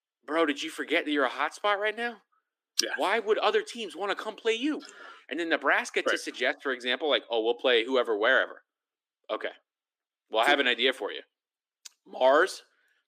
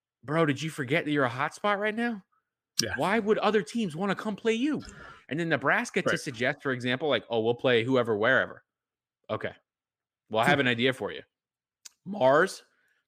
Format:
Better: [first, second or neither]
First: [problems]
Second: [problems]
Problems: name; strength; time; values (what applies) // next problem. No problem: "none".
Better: second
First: thin; somewhat; fading below 300 Hz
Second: none